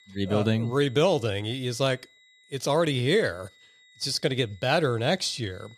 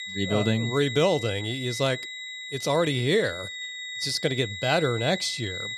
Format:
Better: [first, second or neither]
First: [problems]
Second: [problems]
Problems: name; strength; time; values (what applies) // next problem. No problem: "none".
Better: first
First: high-pitched whine; faint; throughout; 2 kHz, 30 dB below the speech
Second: high-pitched whine; loud; throughout; 2 kHz, 8 dB below the speech